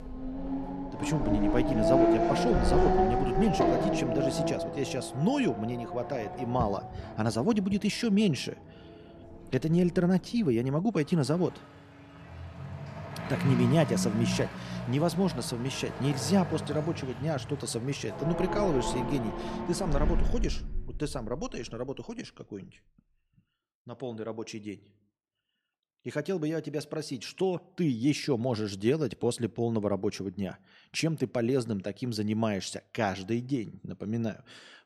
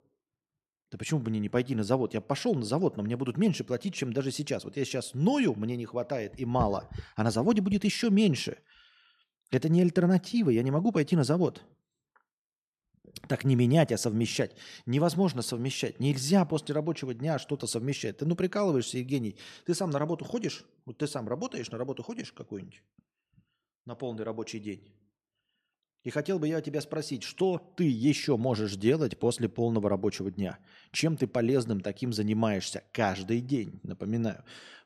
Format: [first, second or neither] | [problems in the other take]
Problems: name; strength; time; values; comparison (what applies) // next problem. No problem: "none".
second | traffic noise; loud; until 20 s; 1 dB below the speech